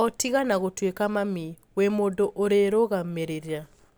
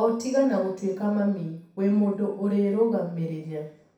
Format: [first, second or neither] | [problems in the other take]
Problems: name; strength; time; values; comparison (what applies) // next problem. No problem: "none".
first | room echo; dies away in 0.6 s